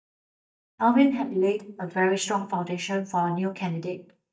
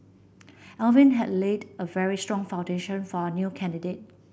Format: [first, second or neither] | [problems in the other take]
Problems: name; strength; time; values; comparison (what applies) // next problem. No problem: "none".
second | noise reduction (neural mask model DeepFilterNet 3)